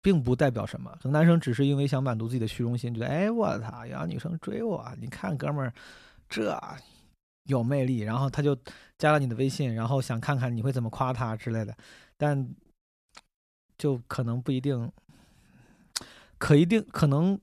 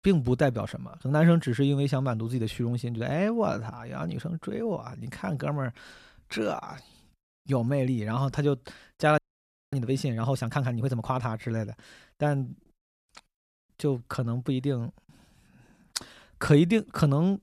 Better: first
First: none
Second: audio freezing; at 9 s for 0.5 s

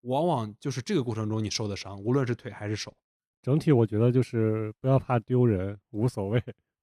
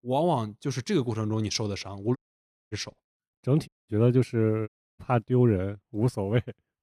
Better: first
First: none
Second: audio cutting out; at 2 s for 0.5 s, at 3.5 s and at 4.5 s

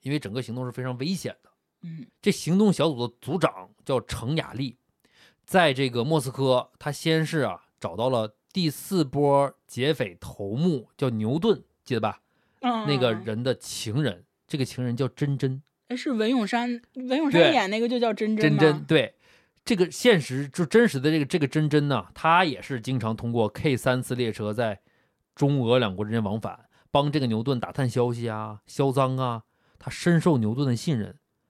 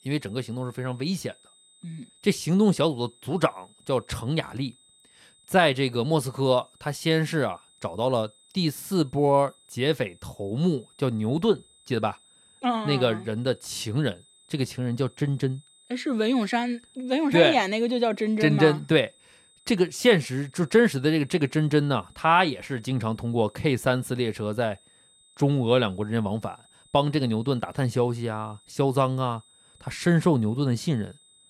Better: first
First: none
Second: high-pitched whine; faint; throughout; 3.5 kHz, 30 dB below the speech

